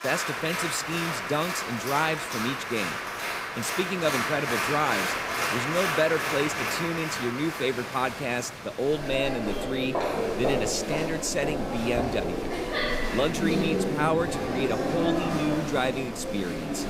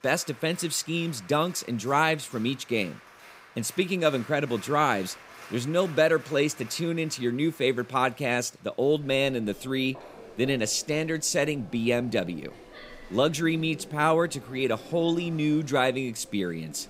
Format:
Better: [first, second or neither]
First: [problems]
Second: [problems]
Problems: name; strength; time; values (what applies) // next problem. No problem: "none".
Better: second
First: crowd noise; loud; throughout; as loud as the speech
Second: crowd noise; faint; throughout; 20 dB below the speech